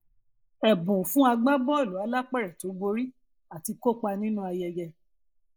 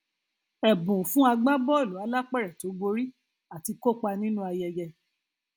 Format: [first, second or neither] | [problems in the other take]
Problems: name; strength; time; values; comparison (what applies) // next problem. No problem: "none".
second | noise reduction (neural mask model Resemble Enhance denoiser)